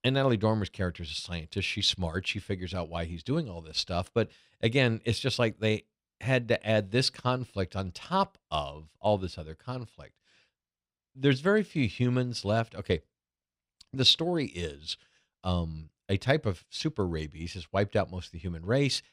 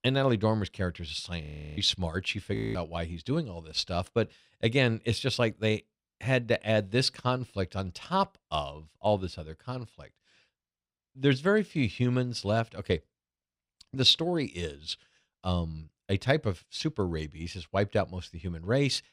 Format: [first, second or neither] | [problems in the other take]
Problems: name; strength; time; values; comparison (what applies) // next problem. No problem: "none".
first | audio freezing; at 1.5 s and at 2.5 s